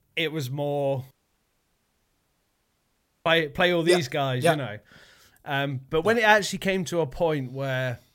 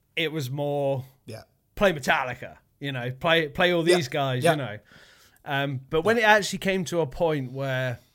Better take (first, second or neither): second